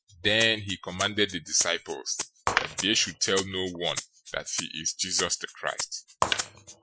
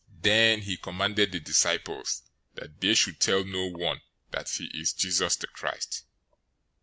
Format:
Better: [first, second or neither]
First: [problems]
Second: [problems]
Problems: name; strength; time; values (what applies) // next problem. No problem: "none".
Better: second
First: noise reduction (classical method Wiener filter)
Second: none